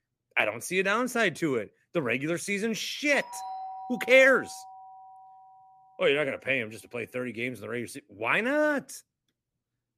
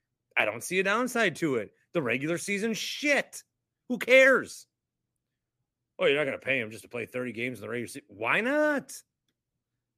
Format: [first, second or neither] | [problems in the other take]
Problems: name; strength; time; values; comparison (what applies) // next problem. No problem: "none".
second | doorbell; faint; from 3 to 5.5 s; peak 10 dB below the speech